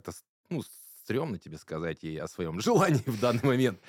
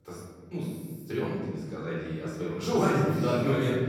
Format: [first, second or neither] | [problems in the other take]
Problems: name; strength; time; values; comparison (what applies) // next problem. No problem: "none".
first | off-mic speech; far // room echo; strong; dies away in 1.5 s